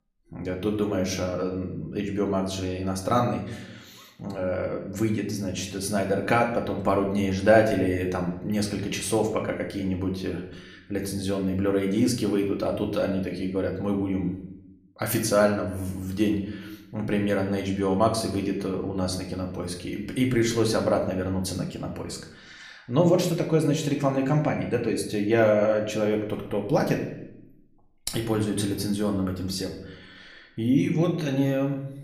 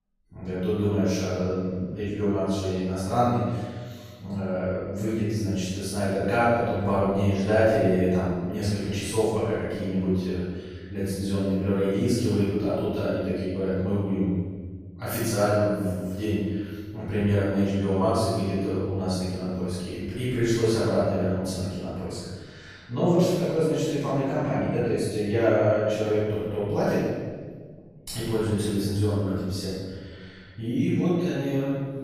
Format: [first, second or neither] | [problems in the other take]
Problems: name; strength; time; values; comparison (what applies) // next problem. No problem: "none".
first | room echo; strong; dies away in 1.5 s; slight in the first // off-mic speech; far; somewhat distant in the first